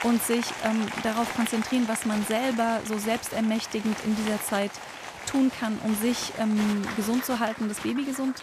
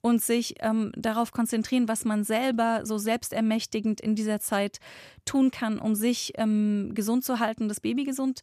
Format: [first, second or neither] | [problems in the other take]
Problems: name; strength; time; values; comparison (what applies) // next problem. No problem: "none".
second | crowd noise; loud; throughout; 8 dB below the speech